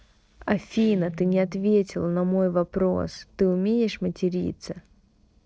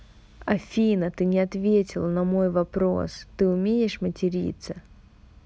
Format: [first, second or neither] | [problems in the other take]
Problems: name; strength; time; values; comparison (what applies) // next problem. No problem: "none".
second | noise reduction (neural separator model SepFormer DNS4)